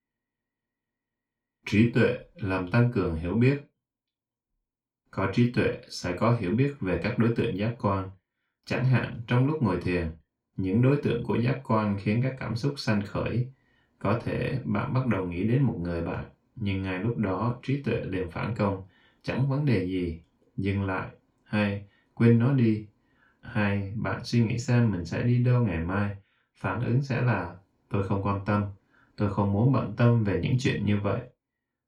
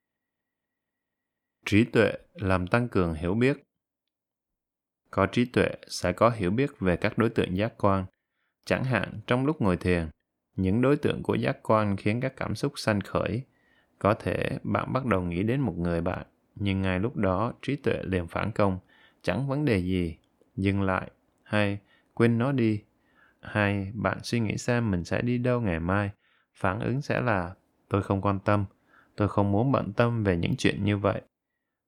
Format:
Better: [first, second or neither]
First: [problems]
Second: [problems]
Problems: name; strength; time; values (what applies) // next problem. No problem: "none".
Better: second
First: room echo; slight; dies away in 0.2 s // off-mic speech; far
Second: none